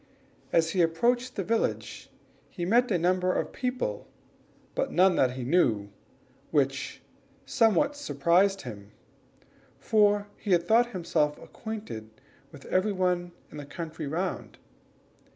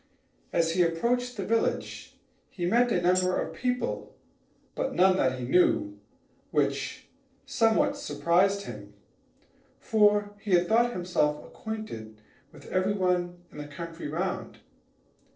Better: first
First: none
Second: noise reduction (neural separator model SepFormer DNS4)

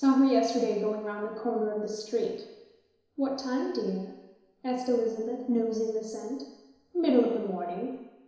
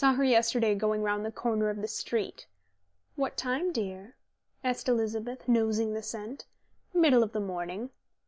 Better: second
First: room echo; dies away in 1 s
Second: none

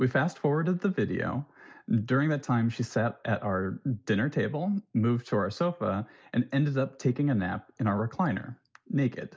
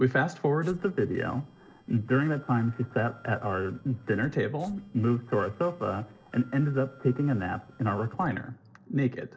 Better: first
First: none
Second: noise reduction (neural separator model SepFormer DNS4)

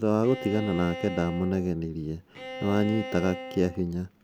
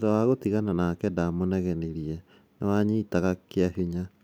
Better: second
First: background sound (Bowed string instrument); 12 dB below the speech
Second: none

